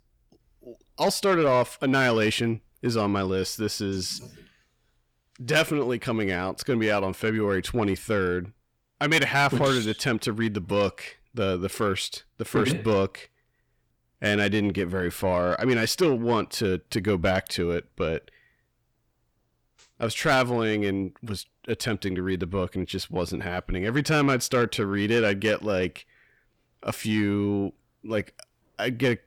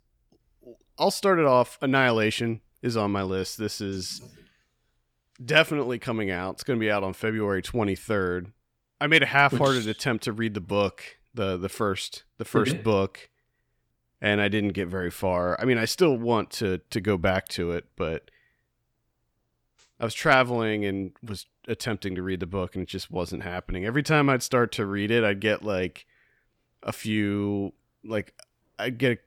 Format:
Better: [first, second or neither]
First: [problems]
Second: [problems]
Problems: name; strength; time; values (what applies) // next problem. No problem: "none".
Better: second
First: distortion; slight; 10 dB below the speech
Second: none